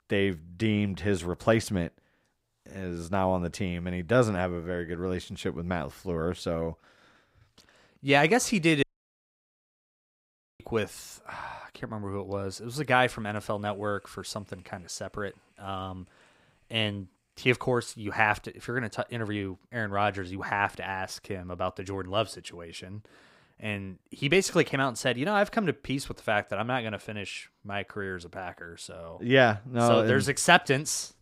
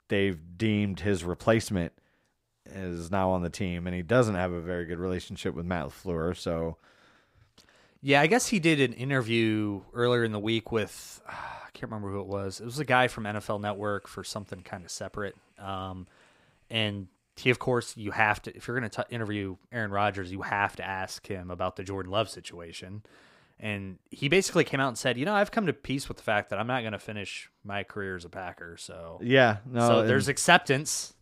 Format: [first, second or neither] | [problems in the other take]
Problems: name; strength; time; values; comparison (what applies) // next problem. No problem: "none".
second | audio cutting out; at 9 s for 2 s